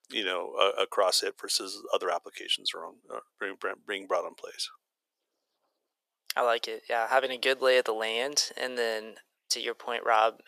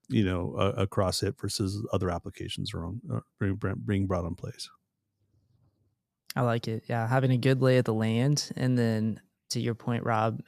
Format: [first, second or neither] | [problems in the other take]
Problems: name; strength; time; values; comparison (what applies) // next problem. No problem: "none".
second | thin; very; fading below 450 Hz